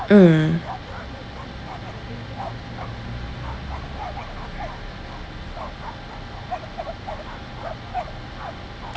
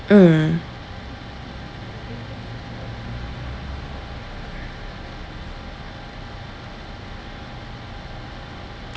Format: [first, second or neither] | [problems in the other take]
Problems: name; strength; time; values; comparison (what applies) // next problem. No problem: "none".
second | background sound (Bark); 13 dB below the speech